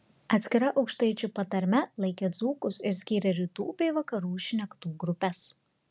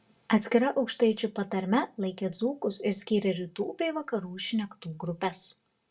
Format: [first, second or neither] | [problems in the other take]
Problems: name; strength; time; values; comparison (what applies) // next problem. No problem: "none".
first | room echo; dies away in 0.2 s